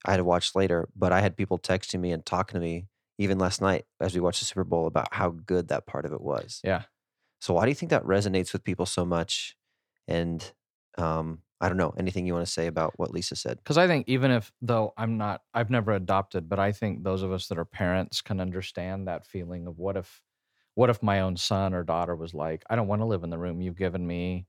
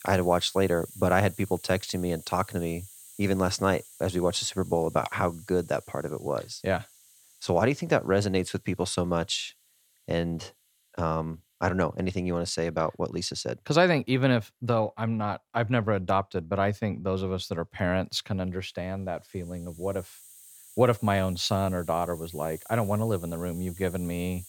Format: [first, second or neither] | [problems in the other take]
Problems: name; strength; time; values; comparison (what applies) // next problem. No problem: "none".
first | hiss; noticeable; throughout; 20 dB below the speech